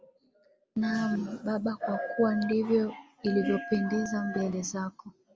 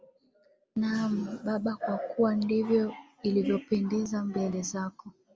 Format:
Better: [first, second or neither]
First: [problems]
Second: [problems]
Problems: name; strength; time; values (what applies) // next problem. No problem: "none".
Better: second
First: background sound (Telephone); 12 dB below the speech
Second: none